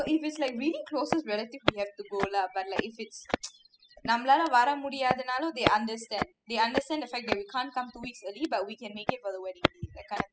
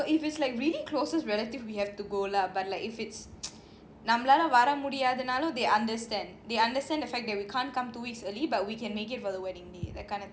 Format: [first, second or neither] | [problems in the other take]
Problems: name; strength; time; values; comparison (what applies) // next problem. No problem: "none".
second | noise reduction (classical method spectral subtraction)